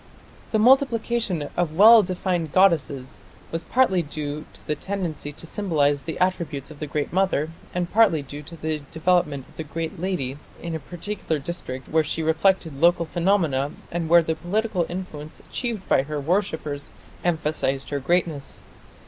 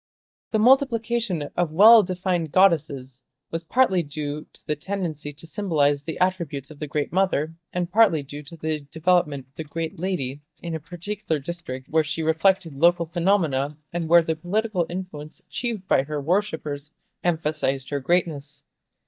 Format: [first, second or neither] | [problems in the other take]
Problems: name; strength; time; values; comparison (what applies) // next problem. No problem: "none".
first | noise reduction (neural mask model DeepFilterNet 3)